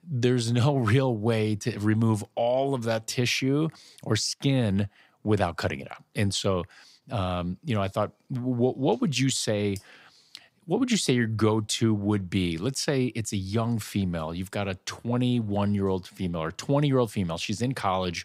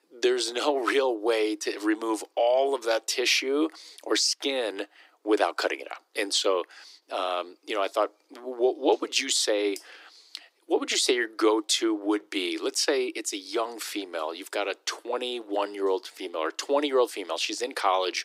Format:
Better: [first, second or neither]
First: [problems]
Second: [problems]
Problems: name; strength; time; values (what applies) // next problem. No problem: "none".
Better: first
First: none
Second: thin; very; fading below 300 Hz